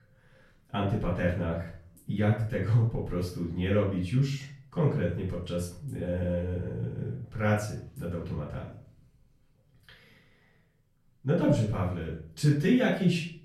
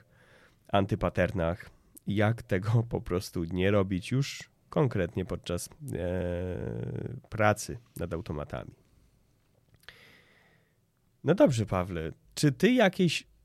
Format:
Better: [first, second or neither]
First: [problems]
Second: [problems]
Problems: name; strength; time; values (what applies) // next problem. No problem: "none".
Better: second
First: room echo; noticeable; dies away in 0.4 s // off-mic speech; far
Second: none